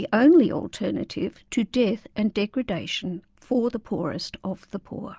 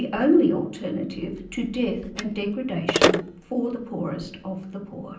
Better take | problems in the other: first | background sound (Telephone); 4 dB below the speech // room echo; dies away in 0.6 s

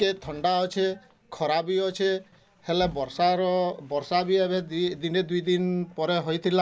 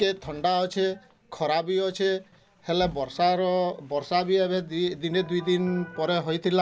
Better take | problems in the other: first | background sound (Electric guitar); 18 dB below the speech

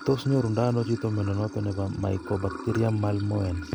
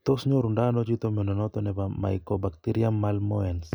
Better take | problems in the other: second | background sound (Sink (filling or washing) / Water); 13 dB below the speech

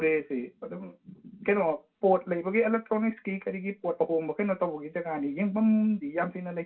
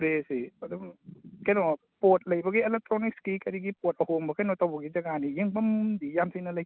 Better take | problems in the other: second | room echo; dies away in 0.2 s

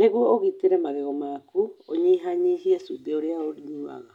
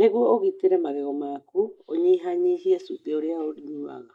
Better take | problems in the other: first | noise reduction (neural mask model Resemble Enhance denoiser)

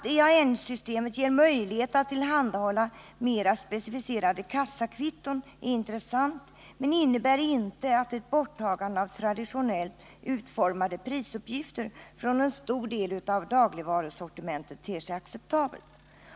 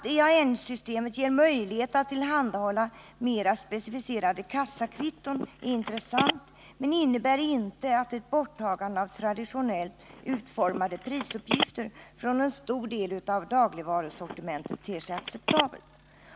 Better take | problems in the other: first | background sound (Telephone); 6 dB below the speech

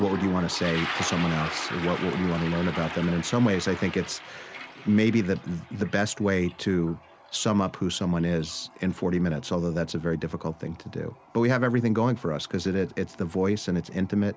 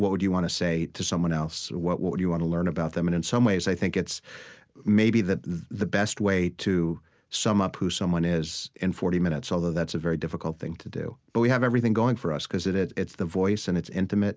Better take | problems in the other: second | background sound (Toilet flush); 13 dB below the speech

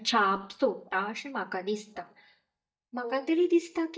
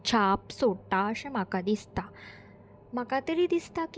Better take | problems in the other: second | noise reduction (neural mask model DeepFilterNet 3)

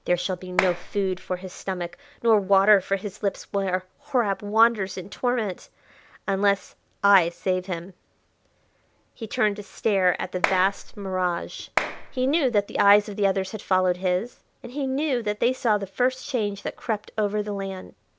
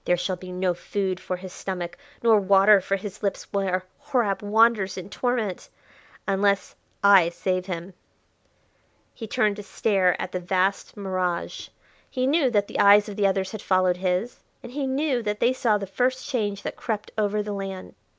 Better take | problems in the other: second | background sound (Clapping); 6 dB below the speech

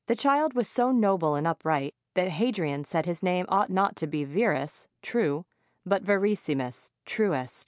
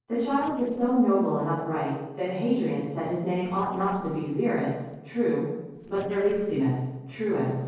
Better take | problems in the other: first | noise reduction (neural separator model SepFormer DNS4)

